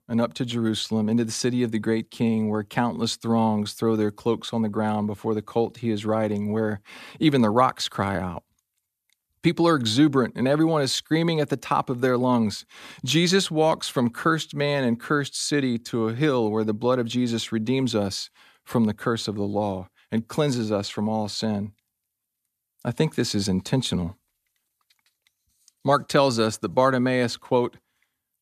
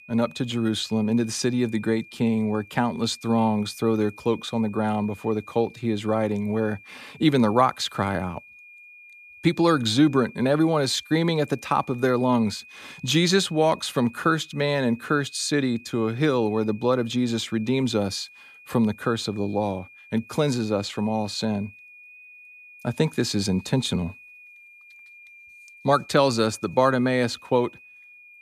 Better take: first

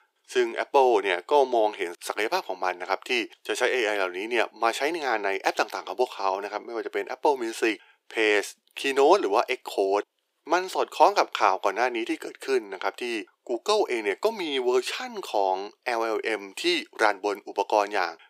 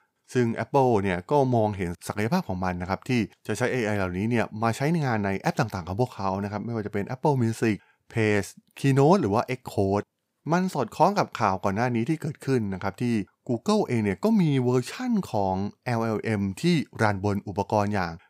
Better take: second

